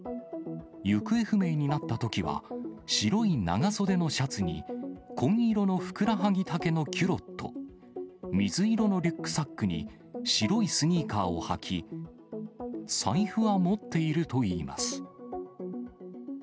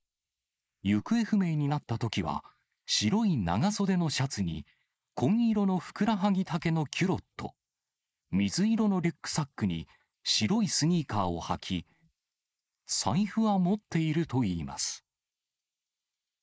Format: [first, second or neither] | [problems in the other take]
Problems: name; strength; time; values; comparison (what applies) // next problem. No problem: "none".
first | noise reduction (neural mask model Resemble Enhance denoiser)